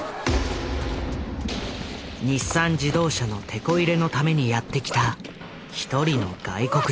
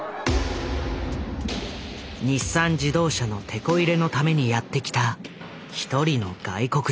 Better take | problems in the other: second | background sound (Zipper (clothing)); 11 dB below the speech

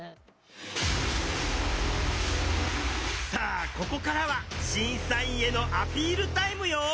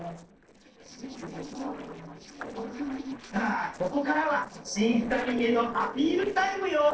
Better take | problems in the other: first | noise reduction (neural separator model SepFormer DNS4)

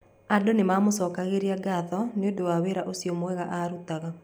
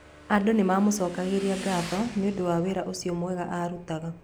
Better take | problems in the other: first | background sound (Motorcycle / Engine); 15 dB below the speech

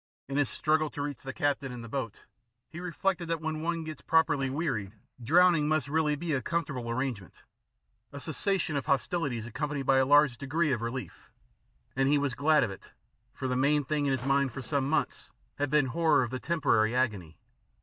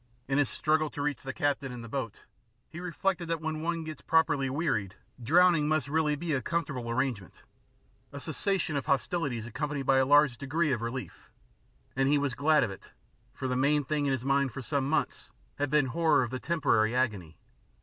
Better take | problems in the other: second | noise reduction (neural mask model DeepFilterNet 3)

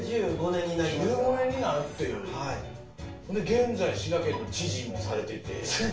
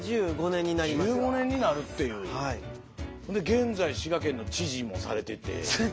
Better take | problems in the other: second | background sound (Bowed string instrument); 15 dB below the speech // room echo; dies away in 0.4 s

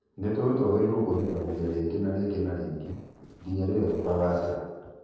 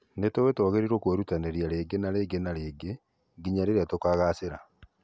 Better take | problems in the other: second | noise reduction (neural separator model SepFormer DNS4)

